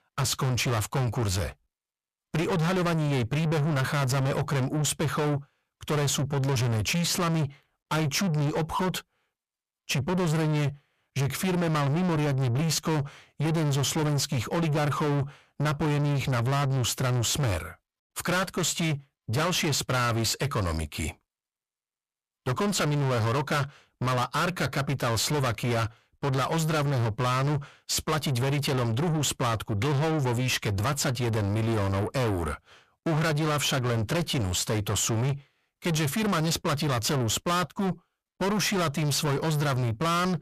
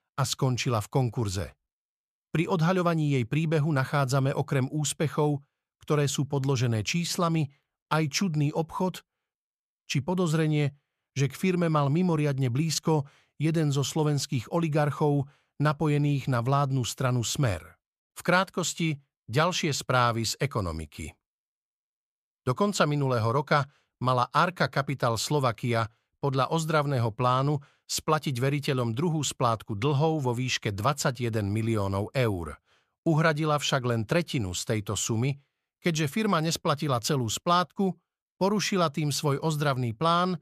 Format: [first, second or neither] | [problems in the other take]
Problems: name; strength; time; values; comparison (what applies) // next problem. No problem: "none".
second | distortion; heavy; 6 dB below the speech